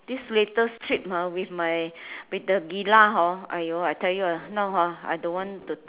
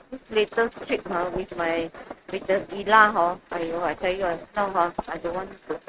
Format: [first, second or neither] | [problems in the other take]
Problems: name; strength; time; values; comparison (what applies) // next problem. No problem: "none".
first | noise reduction (neural mask model RNNoise)